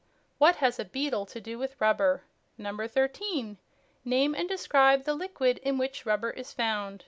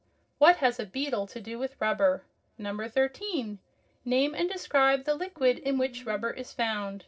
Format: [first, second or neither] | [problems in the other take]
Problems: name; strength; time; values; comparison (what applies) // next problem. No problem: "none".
first | noise reduction (neural separator model SepFormer DNS4)